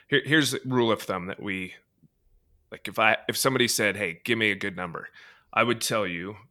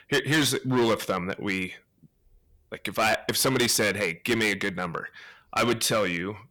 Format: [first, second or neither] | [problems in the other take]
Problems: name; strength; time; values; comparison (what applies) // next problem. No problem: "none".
first | distortion; heavy; 8% of the sound clipped